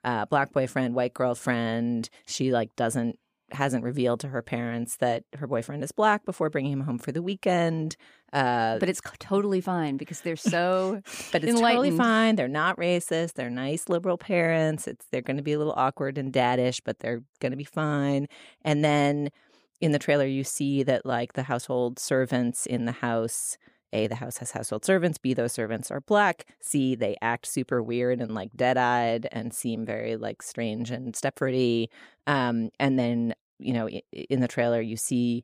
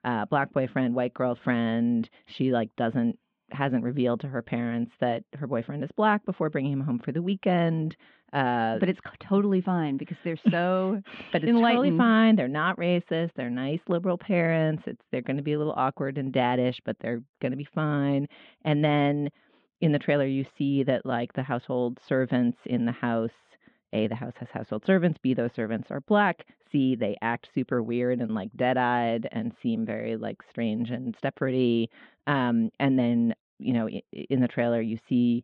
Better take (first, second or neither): first